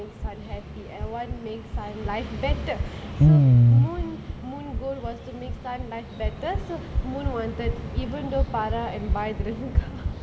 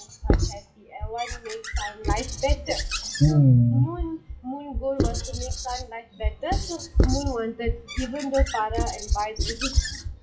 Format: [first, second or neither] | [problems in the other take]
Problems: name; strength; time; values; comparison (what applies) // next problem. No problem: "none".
first | noise reduction (classical method WPE with log-MMSE)